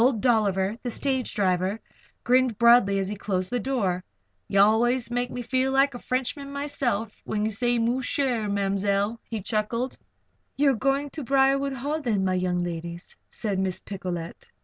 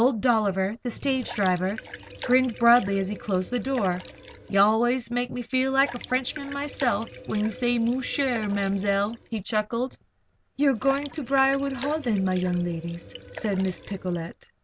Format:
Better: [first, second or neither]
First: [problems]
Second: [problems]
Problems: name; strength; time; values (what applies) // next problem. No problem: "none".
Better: first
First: none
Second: background sound (Liquid); 16 dB below the speech